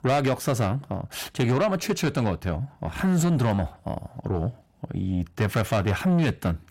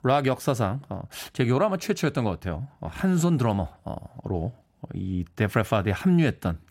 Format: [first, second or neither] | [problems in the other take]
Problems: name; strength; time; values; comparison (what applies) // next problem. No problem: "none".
second | distortion; slight; 10 dB below the speech